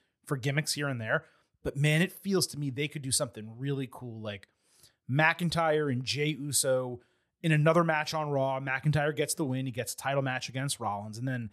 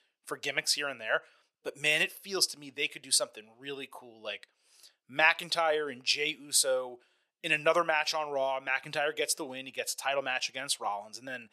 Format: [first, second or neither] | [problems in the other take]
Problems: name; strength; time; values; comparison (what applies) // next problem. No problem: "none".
first | thin; very; fading below 550 Hz